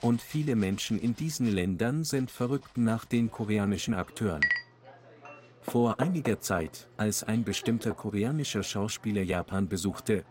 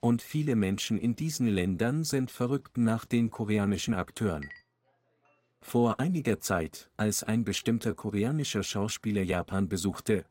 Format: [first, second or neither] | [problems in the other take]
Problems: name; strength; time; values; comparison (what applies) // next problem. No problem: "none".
second | household noises; loud; throughout; 5 dB below the speech; faint in the second